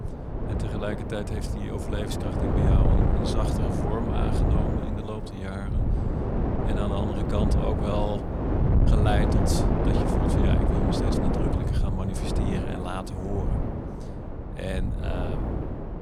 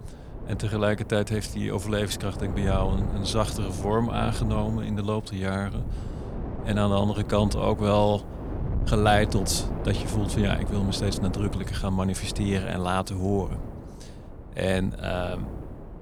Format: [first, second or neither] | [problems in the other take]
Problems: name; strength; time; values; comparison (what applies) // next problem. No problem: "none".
second | wind noise on the microphone; heavy; 3 dB above the speech; occasional gusts in the second